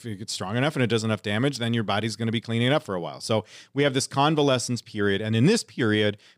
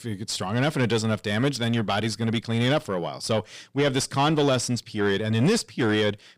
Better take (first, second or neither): first